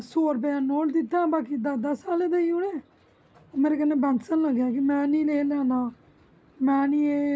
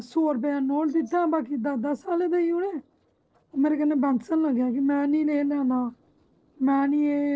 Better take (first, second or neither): first